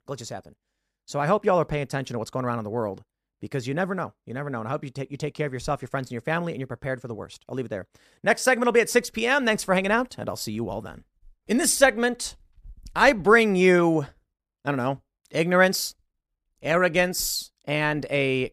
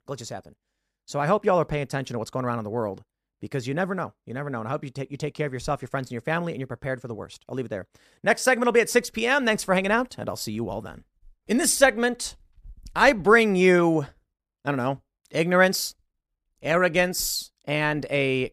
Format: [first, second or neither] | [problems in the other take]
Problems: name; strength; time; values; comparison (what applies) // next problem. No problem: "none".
neither | none